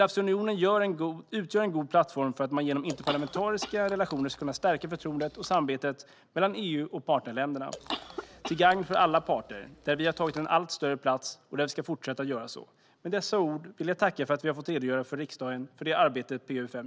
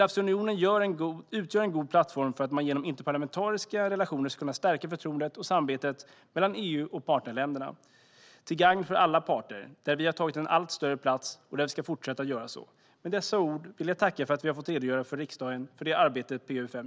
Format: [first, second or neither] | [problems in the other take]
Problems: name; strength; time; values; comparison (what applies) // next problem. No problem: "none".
second | background sound (Chewing, mastication / Cough); 14 dB below the speech